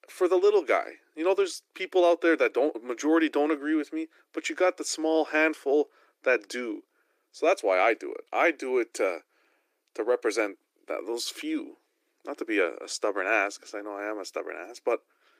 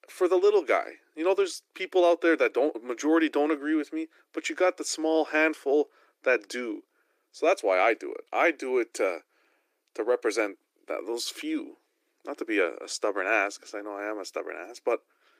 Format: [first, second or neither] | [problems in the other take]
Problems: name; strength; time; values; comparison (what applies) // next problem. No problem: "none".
neither | thin; somewhat; fading below 300 Hz; the same in both